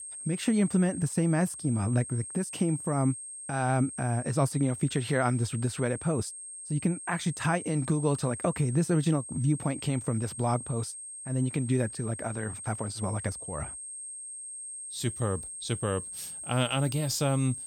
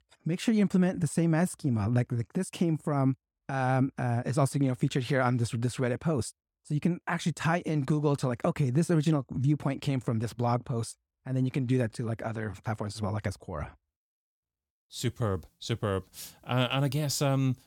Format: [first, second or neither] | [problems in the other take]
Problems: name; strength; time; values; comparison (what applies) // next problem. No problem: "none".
second | high-pitched whine; loud; throughout; 8.5 kHz, 9 dB below the speech